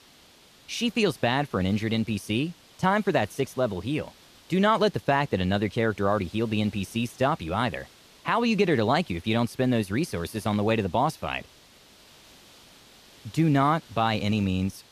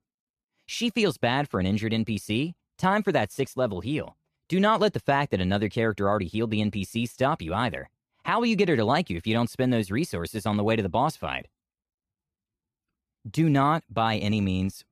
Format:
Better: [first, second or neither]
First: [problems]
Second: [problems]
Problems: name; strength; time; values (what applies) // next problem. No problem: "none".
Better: second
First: hiss; faint; throughout; 25 dB below the speech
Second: none